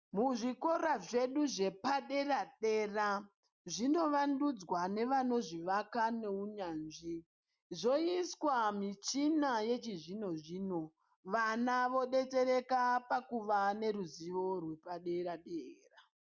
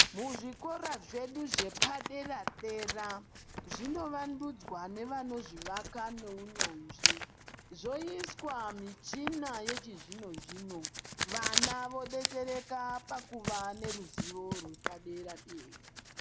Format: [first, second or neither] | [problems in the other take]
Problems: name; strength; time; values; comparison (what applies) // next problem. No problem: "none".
first | background sound (Writing); 2 dB above the speech